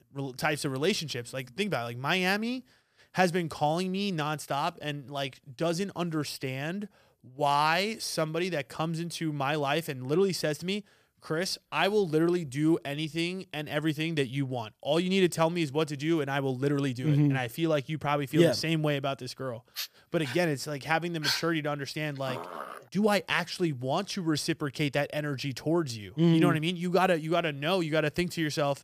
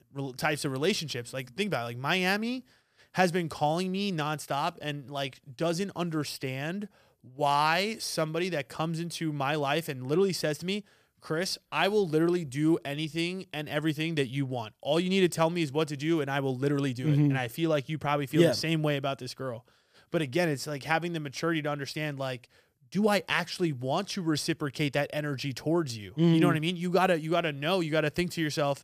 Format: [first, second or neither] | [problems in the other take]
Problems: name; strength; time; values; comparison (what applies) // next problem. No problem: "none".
second | dog barking; noticeable; from 20 to 23 s; peak level with the speech